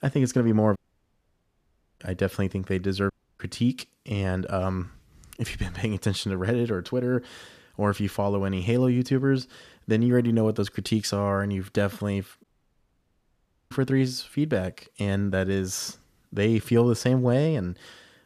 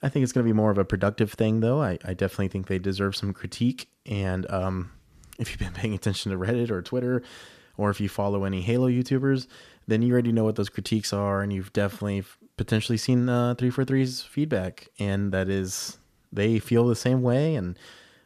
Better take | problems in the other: second | audio cutting out; at 1 s for 1 s, at 3 s and at 12 s for 1.5 s

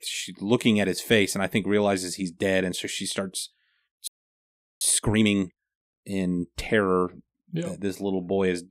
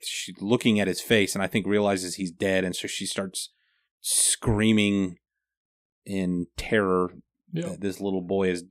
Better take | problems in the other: second | audio freezing; at 4 s for 0.5 s

